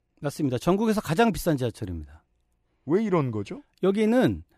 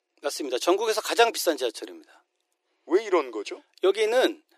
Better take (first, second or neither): first